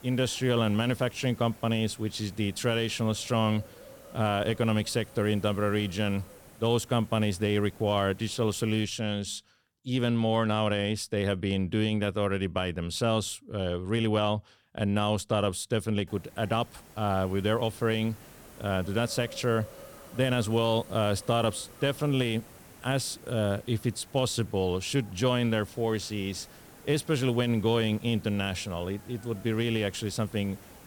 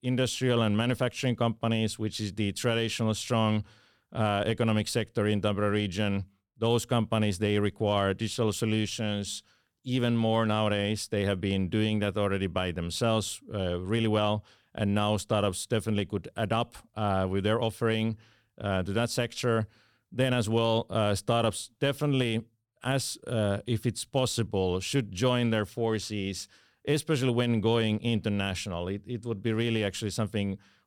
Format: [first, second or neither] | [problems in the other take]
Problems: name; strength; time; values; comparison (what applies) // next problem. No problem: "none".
second | hiss; faint; until 9 s and from 16 s on; 20 dB below the speech